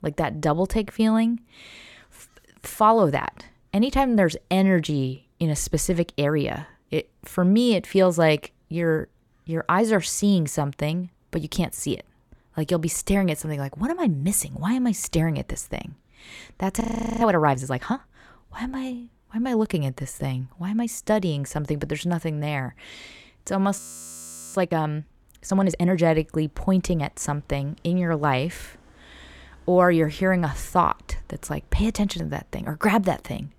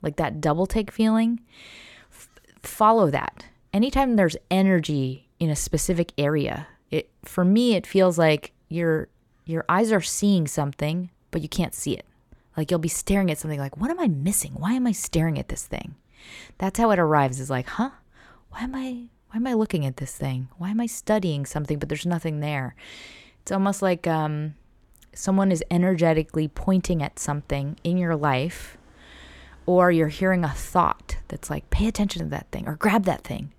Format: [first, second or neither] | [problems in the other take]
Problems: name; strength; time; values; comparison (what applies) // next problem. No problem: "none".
second | audio freezing; at 17 s and at 24 s for 1 s